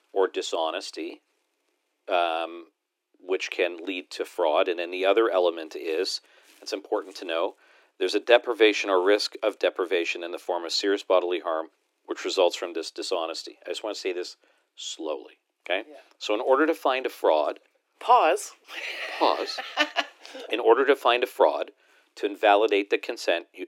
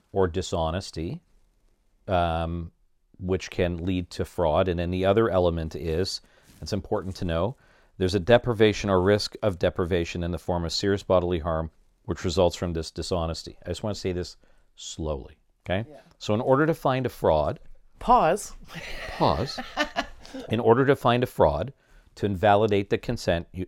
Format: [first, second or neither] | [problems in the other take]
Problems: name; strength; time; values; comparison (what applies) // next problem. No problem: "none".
second | thin; somewhat; fading below 300 Hz